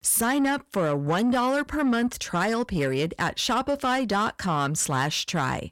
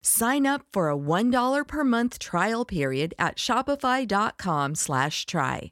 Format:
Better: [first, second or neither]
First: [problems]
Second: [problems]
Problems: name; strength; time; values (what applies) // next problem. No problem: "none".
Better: second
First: distortion; slight; 10 dB below the speech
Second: none